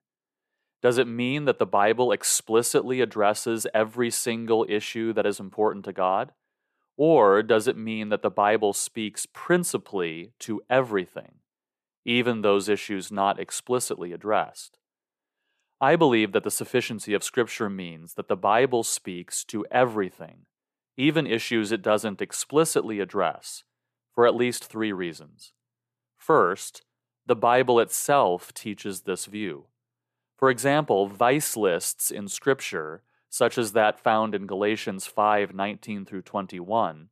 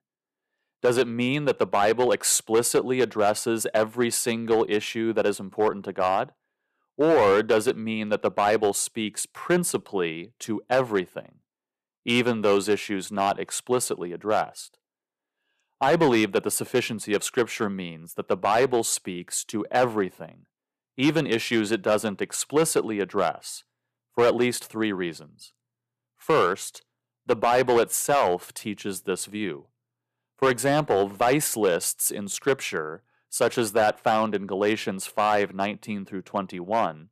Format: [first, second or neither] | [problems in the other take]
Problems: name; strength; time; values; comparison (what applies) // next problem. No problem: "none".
first | distortion; slight; 3% of the sound clipped